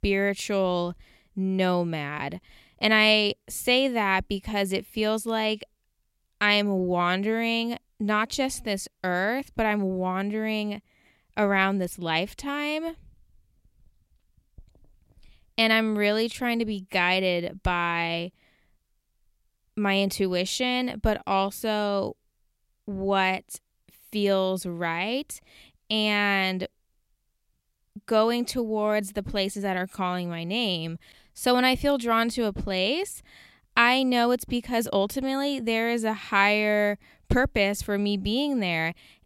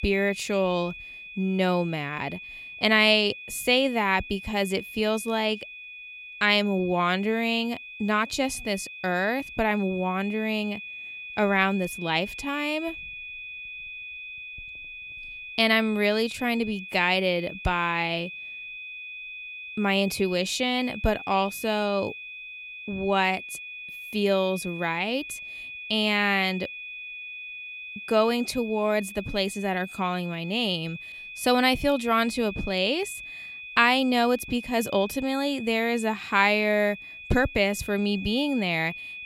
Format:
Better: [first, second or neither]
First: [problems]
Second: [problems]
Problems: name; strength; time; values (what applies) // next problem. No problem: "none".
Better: first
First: none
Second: high-pitched whine; noticeable; throughout; 2.5 kHz, 10 dB below the speech